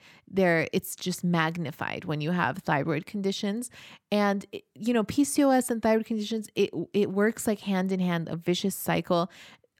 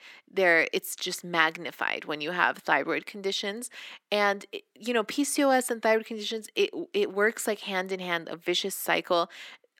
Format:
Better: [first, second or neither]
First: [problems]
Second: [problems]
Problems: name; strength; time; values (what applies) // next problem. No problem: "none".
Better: first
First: none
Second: thin; somewhat; fading below 300 Hz